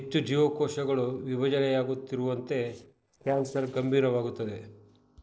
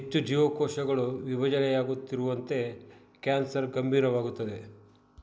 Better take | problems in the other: second | noise reduction (neural separator model SepFormer DNS4)

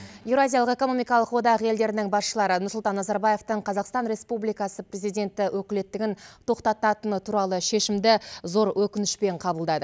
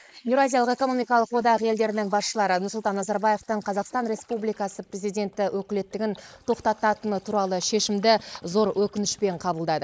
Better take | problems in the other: first | noise reduction (neural mask model Resemble Enhance denoiser)

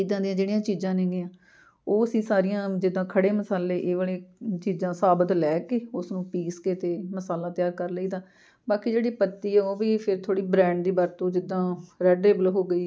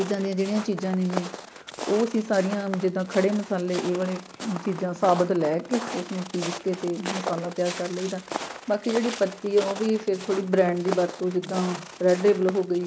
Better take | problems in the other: first | background sound (Walk, footsteps); 11 dB below the speech

